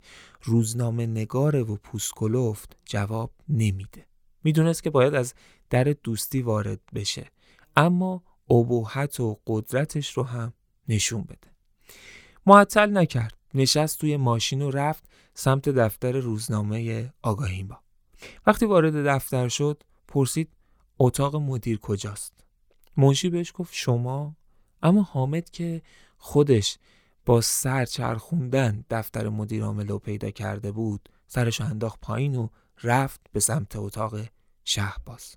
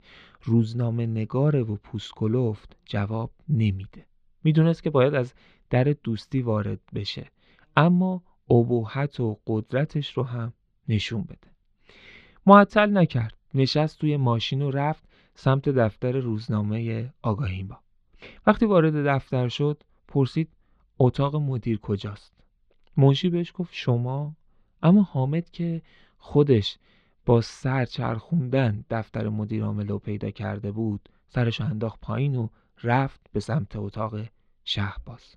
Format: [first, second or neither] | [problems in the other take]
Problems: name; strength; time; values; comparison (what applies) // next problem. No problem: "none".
first | muffled; slightly; fading above 4 kHz